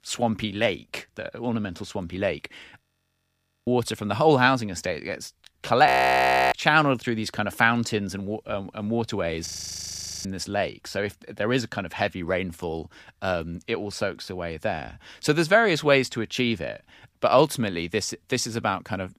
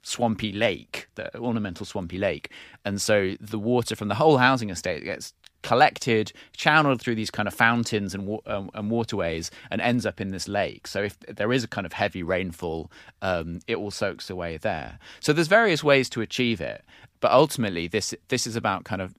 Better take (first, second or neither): second